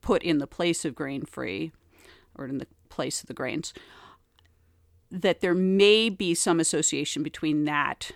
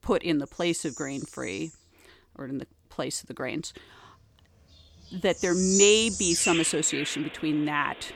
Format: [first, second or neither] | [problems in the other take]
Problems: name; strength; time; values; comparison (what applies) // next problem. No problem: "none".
first | animal sounds; loud; throughout; 1 dB below the speech